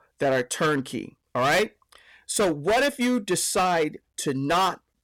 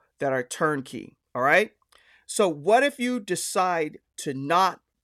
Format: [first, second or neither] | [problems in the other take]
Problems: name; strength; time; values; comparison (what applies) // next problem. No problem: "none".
second | distortion; heavy; 12% of the sound clipped